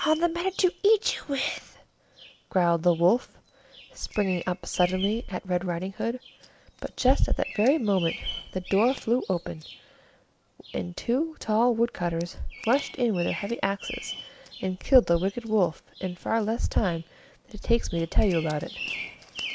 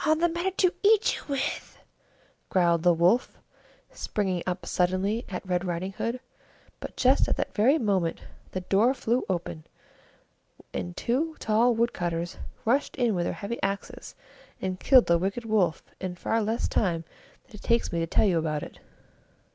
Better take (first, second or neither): second